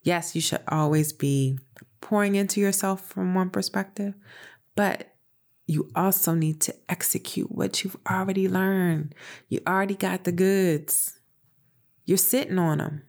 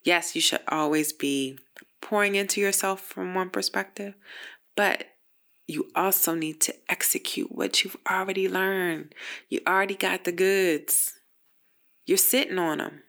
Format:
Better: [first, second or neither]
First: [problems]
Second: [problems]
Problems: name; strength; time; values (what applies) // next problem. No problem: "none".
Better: first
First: none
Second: thin; somewhat; fading below 300 Hz